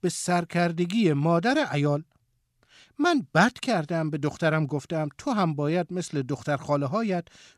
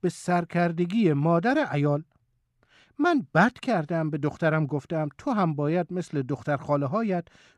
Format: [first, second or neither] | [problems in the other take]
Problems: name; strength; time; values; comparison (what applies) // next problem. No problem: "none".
first | muffled; slightly; fading above 3 kHz